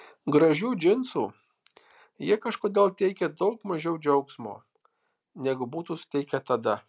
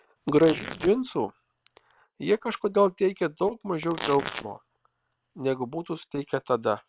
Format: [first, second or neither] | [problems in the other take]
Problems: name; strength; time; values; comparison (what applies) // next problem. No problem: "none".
first | noise reduction (neural separator model SepFormer WHAM!)